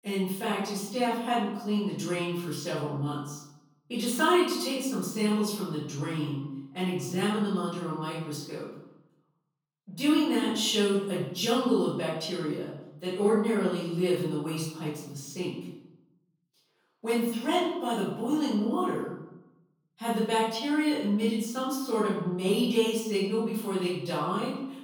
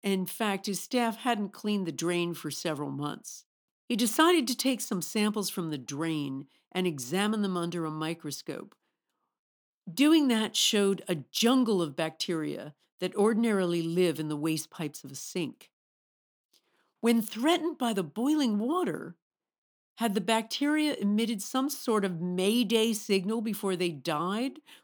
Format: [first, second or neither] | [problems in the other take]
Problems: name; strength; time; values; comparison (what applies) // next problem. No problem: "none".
second | off-mic speech; far // room echo; noticeable; dies away in 0.8 s